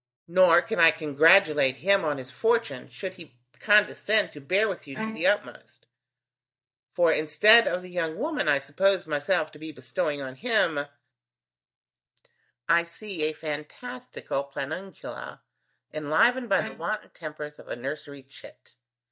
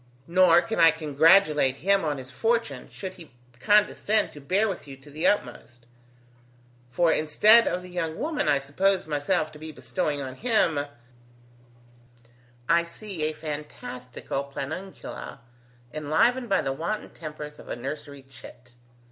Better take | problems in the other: second | noise reduction (neural mask model DeepFilterNet 3)

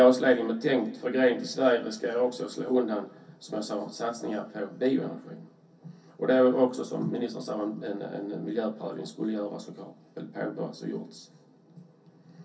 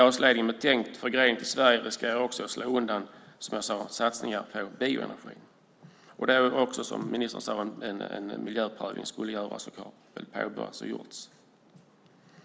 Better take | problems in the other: second | room echo; dies away in 0.3 s

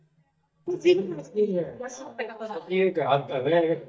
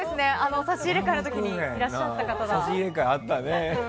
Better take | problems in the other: second | noise reduction (neural mask model DeepFilterNet 3)

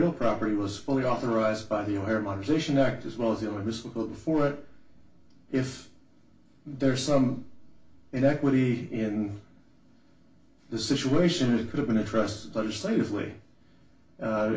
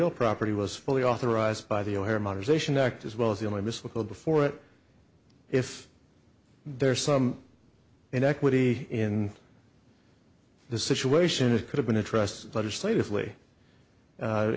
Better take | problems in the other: second | room echo; dies away in 0.3 s

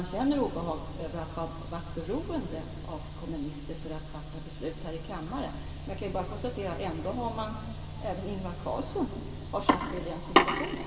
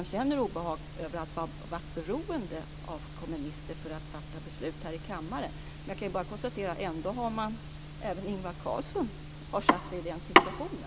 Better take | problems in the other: second | background sound (Telephone); 14 dB below the speech // room echo; dies away in 2.8 s

